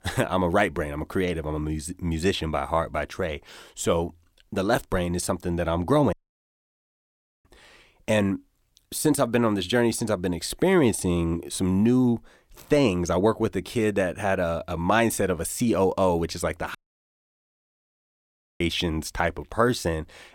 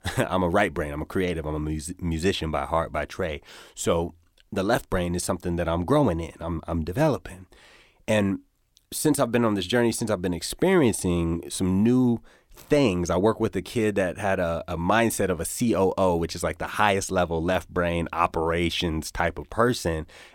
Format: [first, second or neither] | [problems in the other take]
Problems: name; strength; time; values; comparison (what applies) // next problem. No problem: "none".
second | audio cutting out; at 6 s for 1.5 s and at 17 s for 2 s